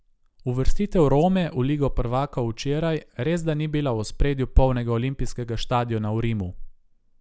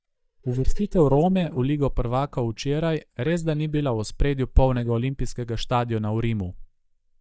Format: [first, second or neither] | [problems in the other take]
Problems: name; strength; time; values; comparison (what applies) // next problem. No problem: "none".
first | noise reduction (neural mask model DeepFilterNet 3)